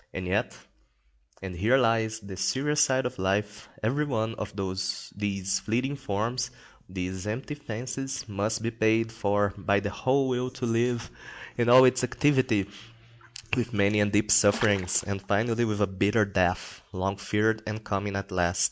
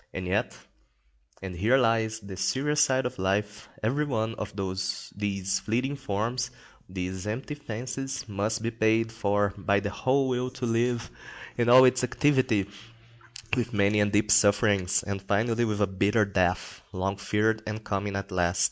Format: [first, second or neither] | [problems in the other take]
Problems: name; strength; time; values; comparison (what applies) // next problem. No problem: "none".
second | background sound (Water / Splash, splatter); 12 dB below the speech